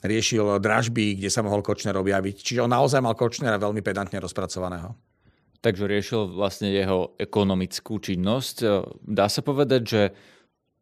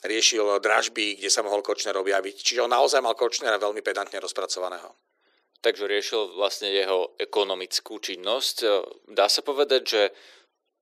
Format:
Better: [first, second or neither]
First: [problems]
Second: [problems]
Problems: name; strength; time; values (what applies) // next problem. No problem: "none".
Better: first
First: none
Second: thin; very; fading below 350 Hz